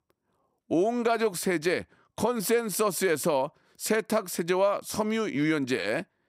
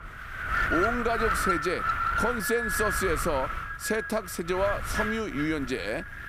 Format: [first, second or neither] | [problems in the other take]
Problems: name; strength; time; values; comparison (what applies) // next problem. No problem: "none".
first | wind noise on the microphone; heavy; 3 dB above the speech